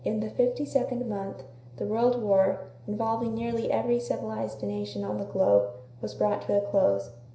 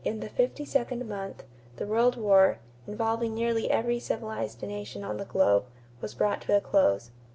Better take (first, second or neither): second